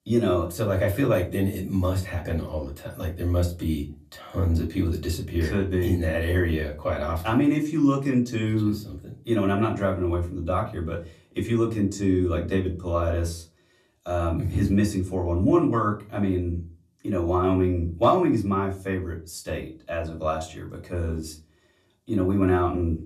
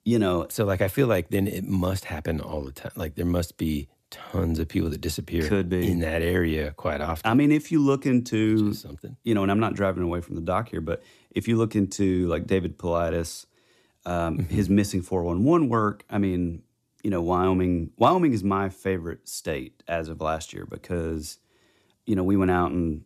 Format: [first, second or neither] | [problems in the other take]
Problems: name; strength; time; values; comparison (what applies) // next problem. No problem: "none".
second | off-mic speech; far // room echo; very slight; dies away in 0.3 s